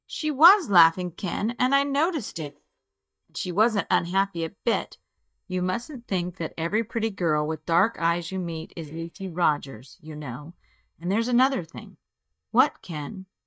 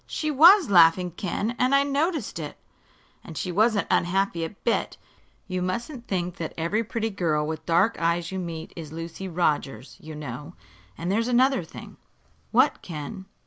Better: second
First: noise reduction (neural mask model DeepFilterNet 3)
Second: none

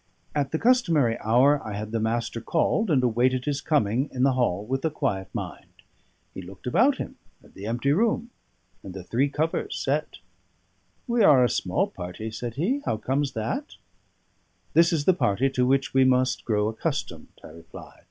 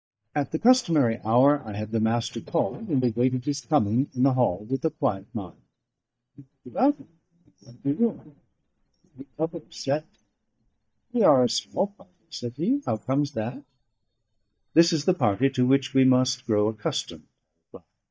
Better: first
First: none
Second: noise reduction (neural mask model DeepFilterNet 3)

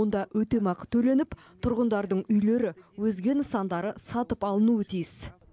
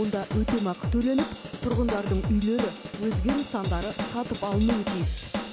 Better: first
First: none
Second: background sound (Drum / Drum kit); 2 dB below the speech

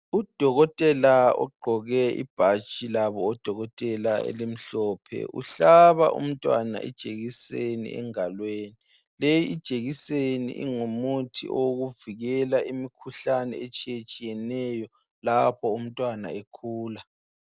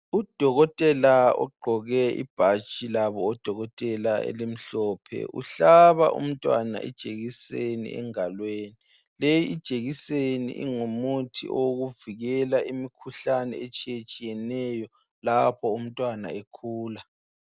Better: second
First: noise reduction (neural separator model SepFormer DNS4)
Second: none

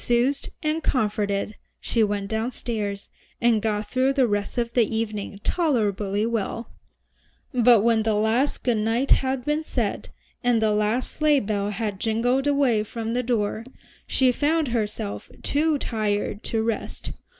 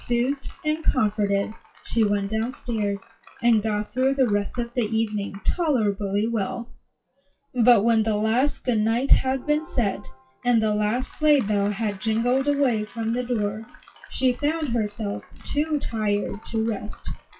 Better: first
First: none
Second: noise reduction (classical method WPE with log-MMSE)

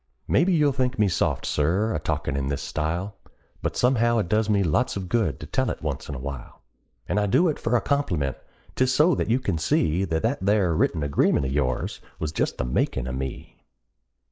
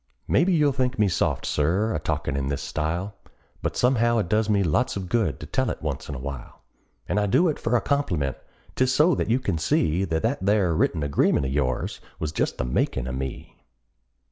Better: second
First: noise reduction (neural mask model Resemble Enhance denoiser)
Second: none

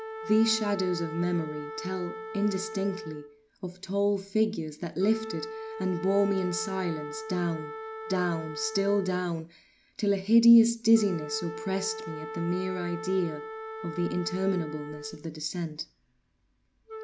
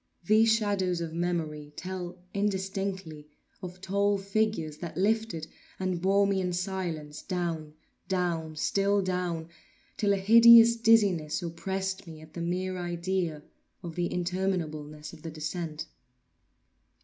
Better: second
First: background sound (Wind instrument, woodwind instrument); 11 dB below the speech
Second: none

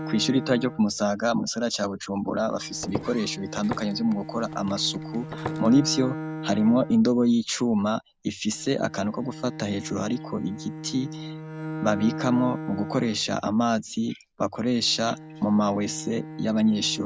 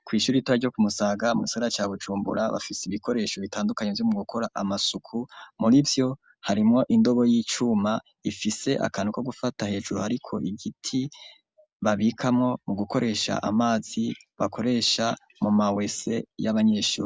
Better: second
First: background sound (Walk, footsteps + Bowed string instrument); 11 dB below the speech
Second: none

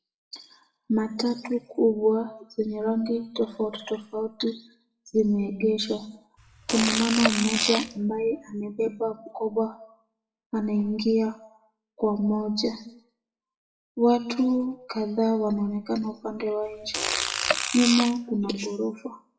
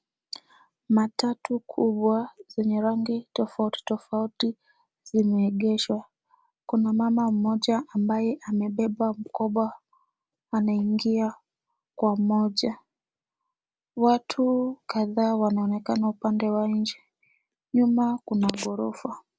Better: second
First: noise reduction (classical method WPE with log-MMSE)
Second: none

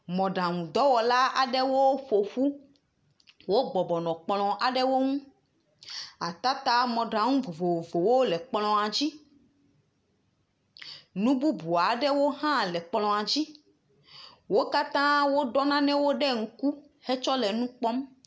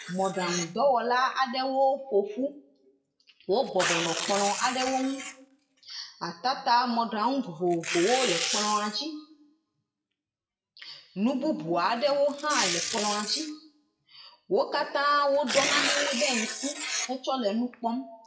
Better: first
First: none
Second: noise reduction (classical method WPE with log-MMSE)

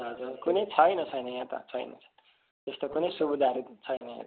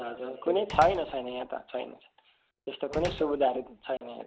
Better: first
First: none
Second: background sound (Slam); 15 dB below the speech

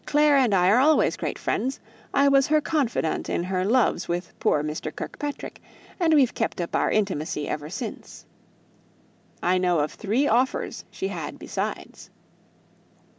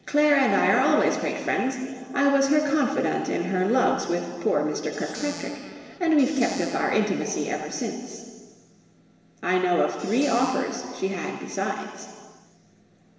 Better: first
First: none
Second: background sound (Squeak / Cupboard open or close); 16 dB below the speech // room echo; dies away in 1.6 s

